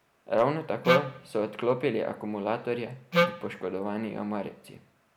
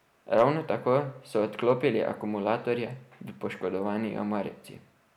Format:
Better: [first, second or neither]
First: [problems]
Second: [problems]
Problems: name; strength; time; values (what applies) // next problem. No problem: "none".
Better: second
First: background sound (Wind instrument, woodwind instrument); 4 dB above the speech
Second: none